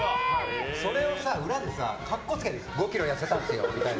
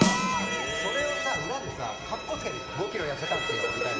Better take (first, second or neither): first